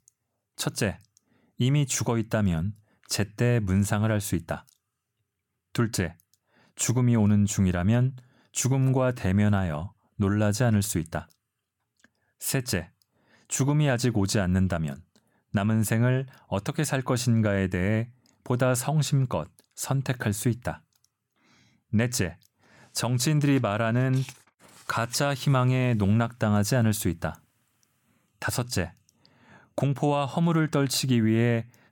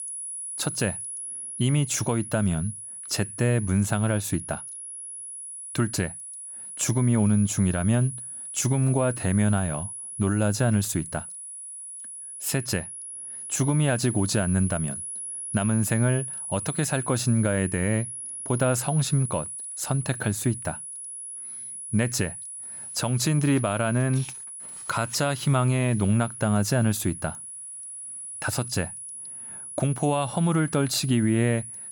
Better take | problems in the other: first | high-pitched whine; loud; throughout; 10.5 kHz, 8 dB below the speech

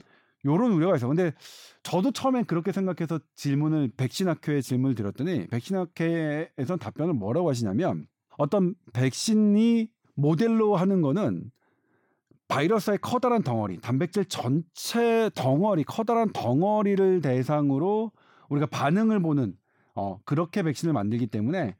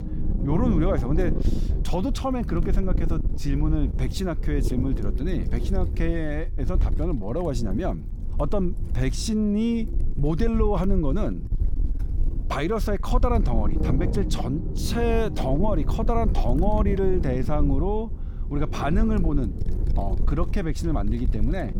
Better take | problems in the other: first | wind noise on the microphone; occasional gusts; 10 dB below the speech

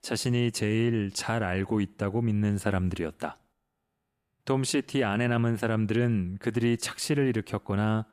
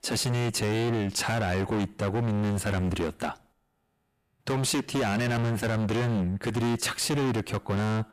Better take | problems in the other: first | distortion; heavy; 31% of the sound clipped

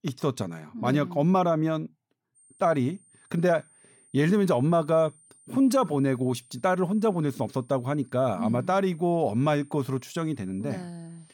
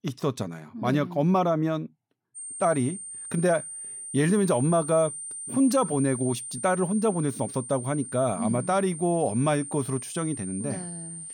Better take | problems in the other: first | high-pitched whine; loud; from 2.5 s on; 9 kHz, 9 dB below the speech; faint in the first

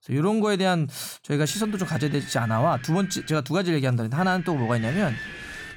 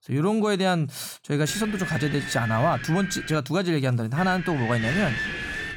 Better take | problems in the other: first | wind noise on the microphone; heavy; from 1.5 to 3.5 s and from 4 s on; 3 dB below the speech; occasional gusts in the first

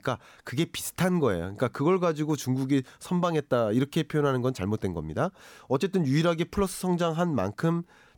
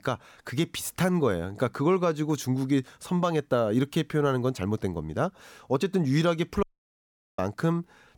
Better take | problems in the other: first | audio cutting out; at 6.5 s for 1 s

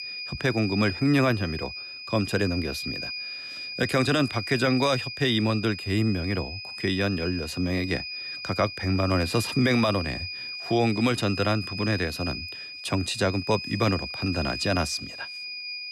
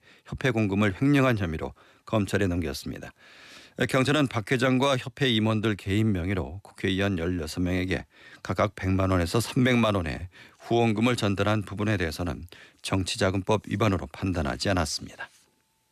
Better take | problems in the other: second | high-pitched whine; loud; throughout; 2.5 kHz, 8 dB below the speech

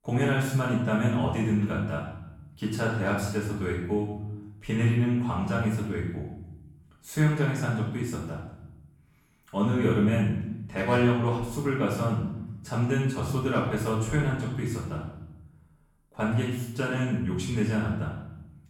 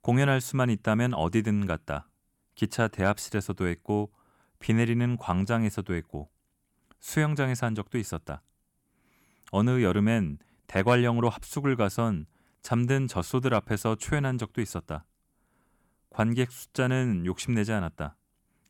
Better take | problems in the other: second | room echo; noticeable; dies away in 0.8 s // off-mic speech; far

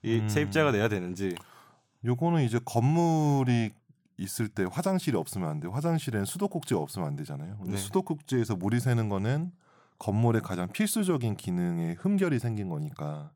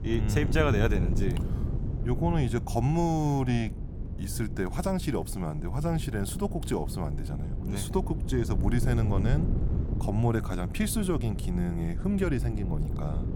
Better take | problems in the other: first | wind noise on the microphone; occasional gusts; 10 dB below the speech

